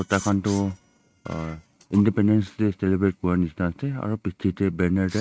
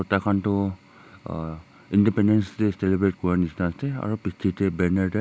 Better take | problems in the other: second | noise reduction (neural mask model RNNoise)

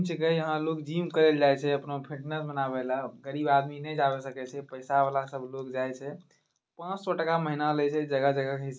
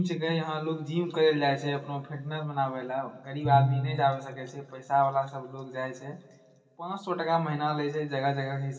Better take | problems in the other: first | background sound (Piano); 2 dB below the speech // room echo; dies away in 1.8 s

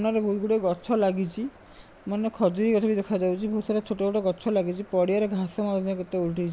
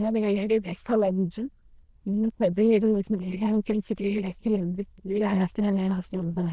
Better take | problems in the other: first | noise reduction (neural diffusion model UNIVERSE++)

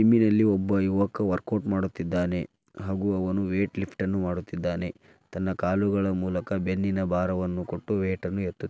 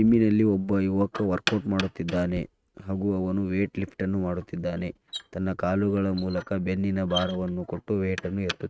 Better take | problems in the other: first | noise reduction (neural mask model RNNoise)

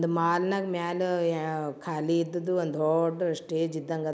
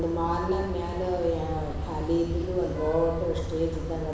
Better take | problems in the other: first | background sound (Vehicle horn, car horn, honking); 5 dB below the speech // room echo; dies away in 1 s

